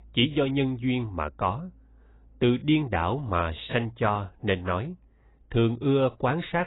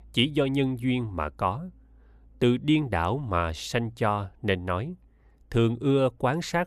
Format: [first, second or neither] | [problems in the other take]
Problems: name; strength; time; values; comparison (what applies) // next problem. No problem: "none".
second | garbled, watery; badly; nothing above 3.5 kHz